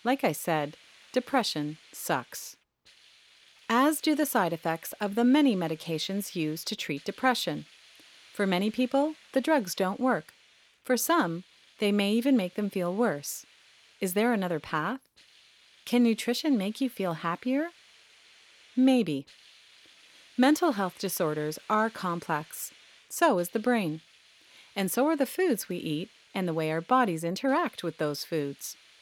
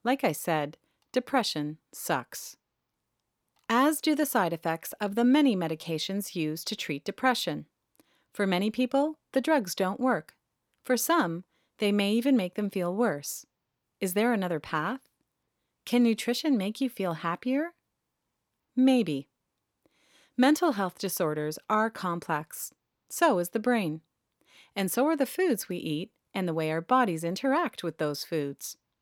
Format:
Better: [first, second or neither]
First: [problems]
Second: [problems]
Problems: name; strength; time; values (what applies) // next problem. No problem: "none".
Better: second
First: hiss; faint; throughout; 25 dB below the speech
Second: none